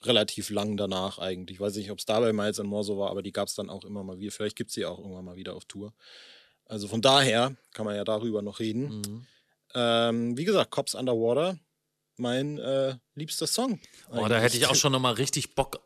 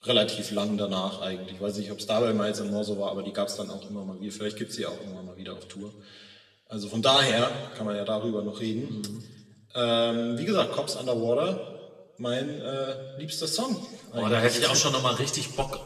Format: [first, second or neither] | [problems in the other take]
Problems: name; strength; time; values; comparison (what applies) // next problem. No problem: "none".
first | room echo; slight; dies away in 1.3 s // off-mic speech; somewhat distant